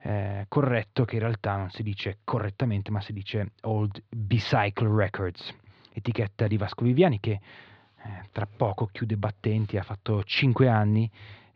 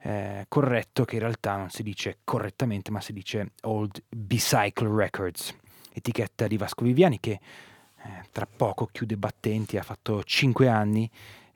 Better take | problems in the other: second | muffled; very slightly; fading above 4 kHz

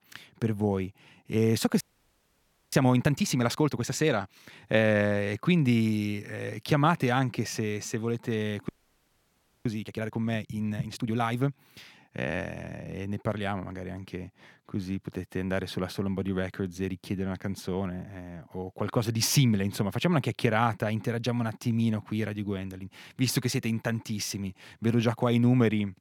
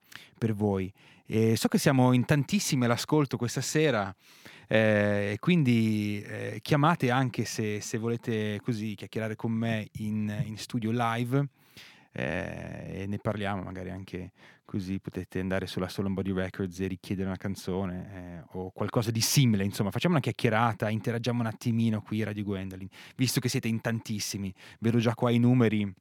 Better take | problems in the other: second | audio freezing; at 2 s for 1 s and at 8.5 s for 1 s

